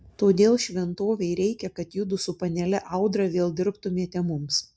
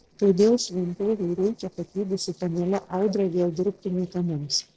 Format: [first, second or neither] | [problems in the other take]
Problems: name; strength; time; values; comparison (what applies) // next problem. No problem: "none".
first | noise reduction (neural separator model SepFormer DNS4)